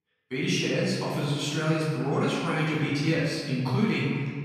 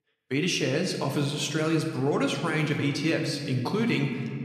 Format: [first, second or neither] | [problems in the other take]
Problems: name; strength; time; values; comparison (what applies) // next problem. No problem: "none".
second | room echo; strong; dies away in 2 s; slight in the second // off-mic speech; far